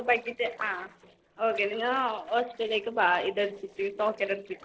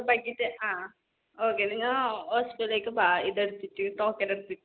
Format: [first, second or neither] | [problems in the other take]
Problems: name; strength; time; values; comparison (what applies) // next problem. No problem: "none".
second | noise reduction (neural separator model SepFormer DNS4)